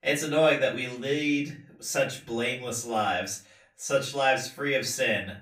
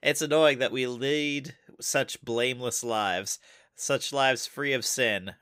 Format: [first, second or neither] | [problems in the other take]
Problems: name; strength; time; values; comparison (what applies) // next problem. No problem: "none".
second | room echo; slight; dies away in 0.3 s // off-mic speech; far